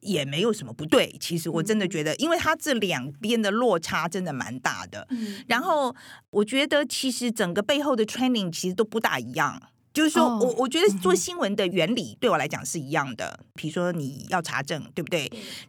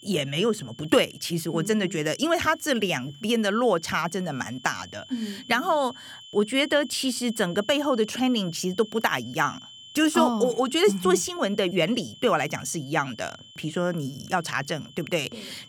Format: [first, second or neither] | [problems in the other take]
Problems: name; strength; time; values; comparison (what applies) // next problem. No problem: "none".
first | high-pitched whine; noticeable; throughout; 3 kHz, 20 dB below the speech